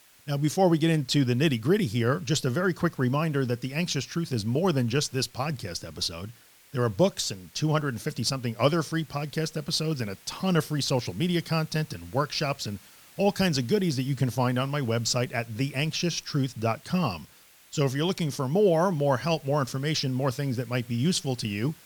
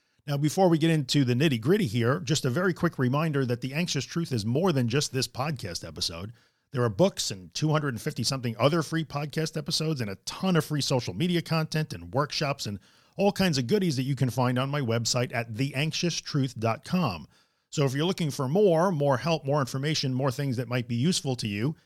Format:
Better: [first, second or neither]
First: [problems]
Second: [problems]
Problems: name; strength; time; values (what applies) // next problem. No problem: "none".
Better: second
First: hiss; faint; throughout; 25 dB below the speech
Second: none